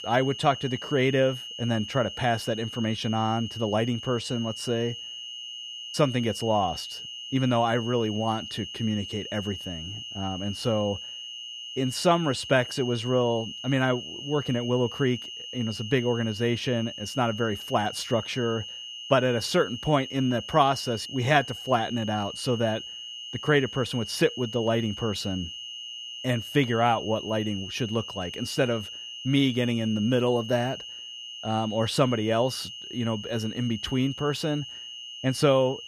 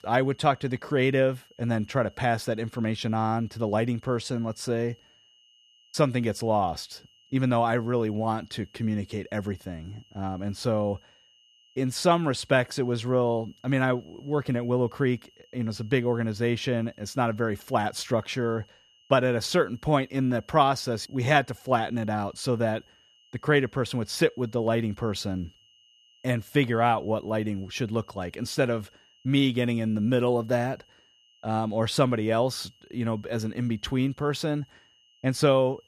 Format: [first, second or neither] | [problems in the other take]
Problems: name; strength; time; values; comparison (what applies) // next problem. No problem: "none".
second | high-pitched whine; loud; throughout; 3 kHz, 9 dB below the speech; faint in the second